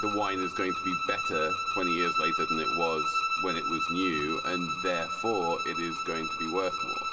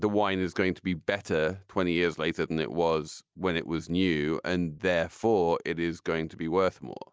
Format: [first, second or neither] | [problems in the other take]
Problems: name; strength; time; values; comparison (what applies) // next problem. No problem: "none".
second | background sound (Bowed string instrument); 2 dB above the speech // room echo; dies away in 1.4 s